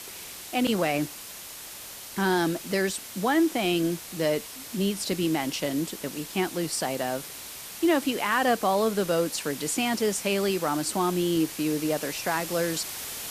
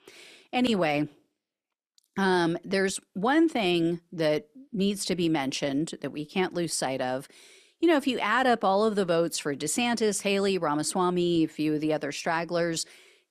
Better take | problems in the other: second | hiss; noticeable; throughout; 10 dB below the speech

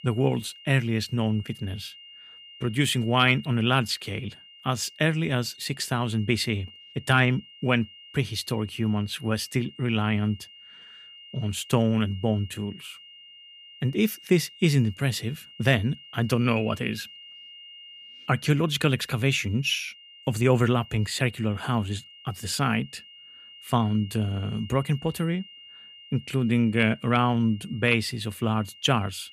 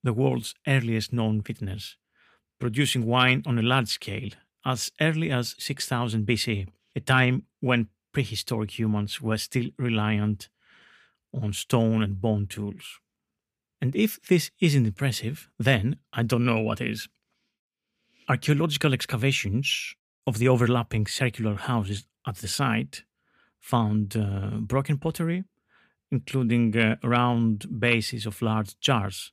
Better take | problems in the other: second | high-pitched whine; noticeable; throughout; 3 kHz, 20 dB below the speech

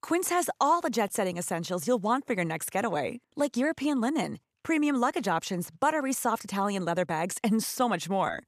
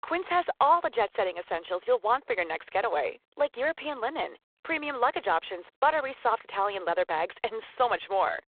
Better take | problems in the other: first | phone-call audio; poor line; nothing above 4 kHz

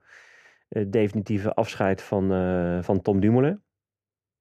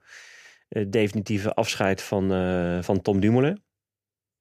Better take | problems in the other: second | muffled; slightly; fading above 2.5 kHz

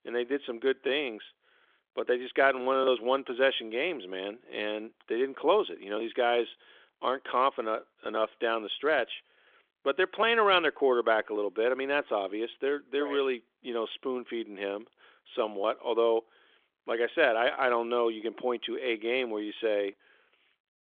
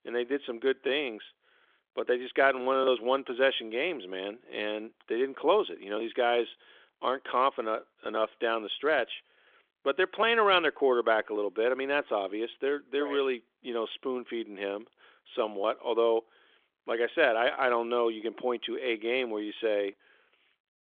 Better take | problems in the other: neither | phone-call audio; nothing above 3.5 kHz; the same in both

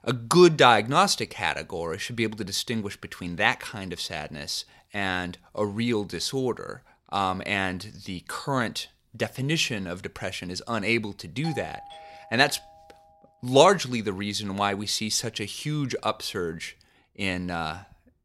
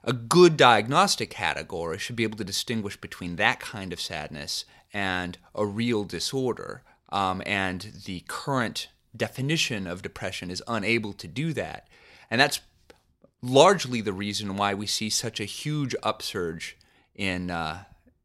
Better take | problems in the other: second | doorbell; faint; from 11 to 13 s; peak 15 dB below the speech

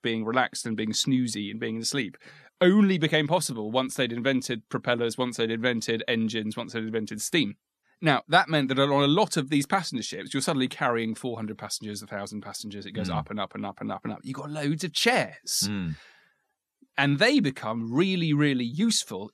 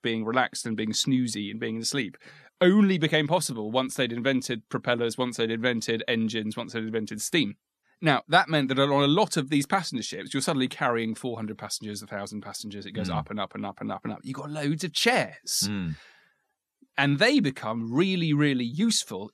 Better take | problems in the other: neither | none

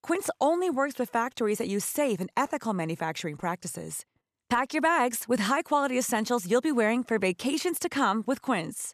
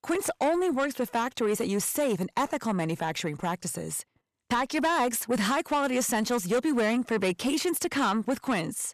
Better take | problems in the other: first | distortion; slight; 10 dB below the speech

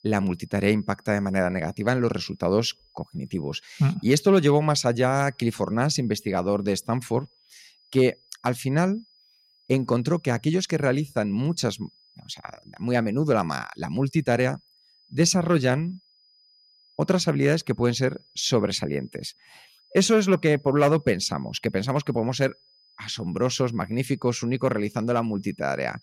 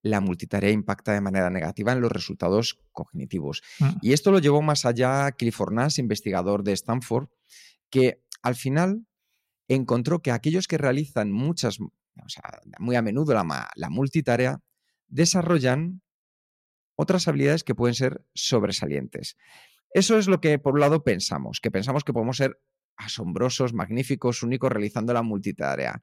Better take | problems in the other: second | high-pitched whine; faint; throughout; 5 kHz, 35 dB below the speech

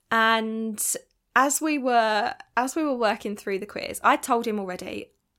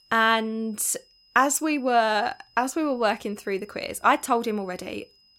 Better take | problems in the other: first | high-pitched whine; faint; throughout; 5 kHz, 30 dB below the speech

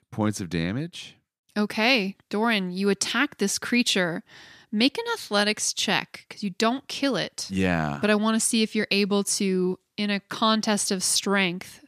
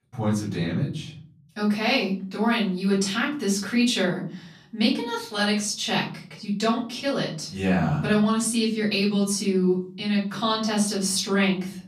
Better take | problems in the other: first | room echo; slight; dies away in 0.6 s // off-mic speech; far

